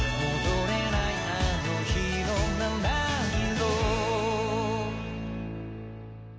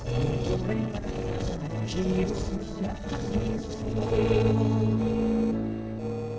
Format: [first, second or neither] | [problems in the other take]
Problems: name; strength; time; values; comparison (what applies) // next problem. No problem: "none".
first | noise reduction (neural separator model SepFormer DNS4)